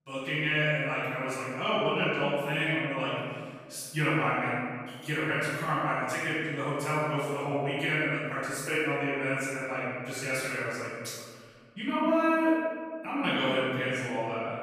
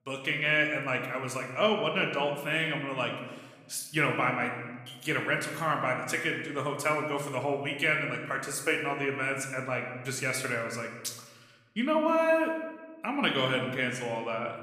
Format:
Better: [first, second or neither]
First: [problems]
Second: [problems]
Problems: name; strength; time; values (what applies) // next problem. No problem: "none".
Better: second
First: room echo; strong; dies away in 1.7 s // off-mic speech; far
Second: room echo; slight; dies away in 1 s